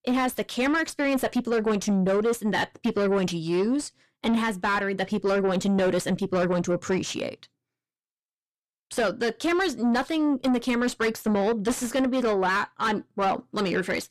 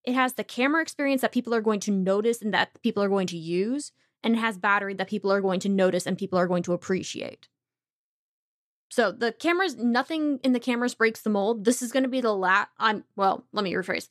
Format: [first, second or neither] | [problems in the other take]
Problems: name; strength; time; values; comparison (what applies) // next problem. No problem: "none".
second | distortion; heavy; 7 dB below the speech